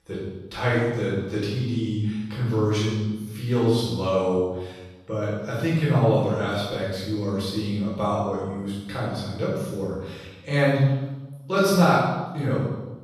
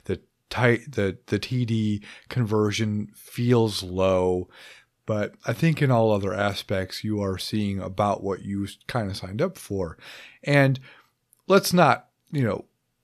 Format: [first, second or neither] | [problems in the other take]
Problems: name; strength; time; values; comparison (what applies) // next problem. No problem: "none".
second | off-mic speech; far // room echo; strong; dies away in 1 s